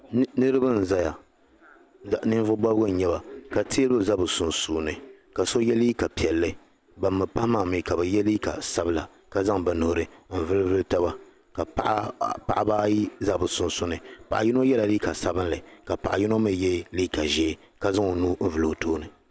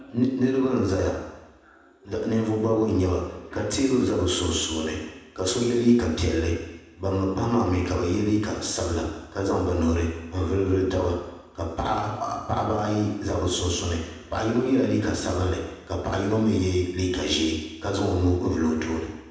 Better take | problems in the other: first | room echo; dies away in 1 s

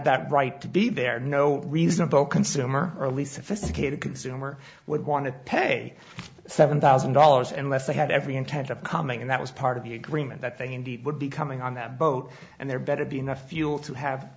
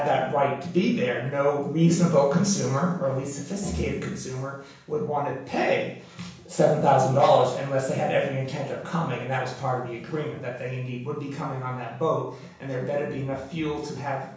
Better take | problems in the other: first | room echo; dies away in 0.7 s

